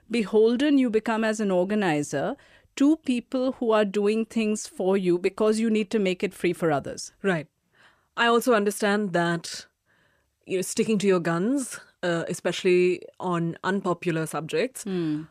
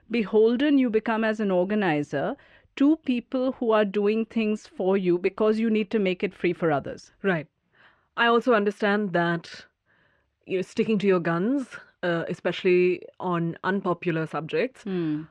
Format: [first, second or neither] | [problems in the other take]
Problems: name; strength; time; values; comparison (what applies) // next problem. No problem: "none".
first | muffled; slightly; fading above 2.5 kHz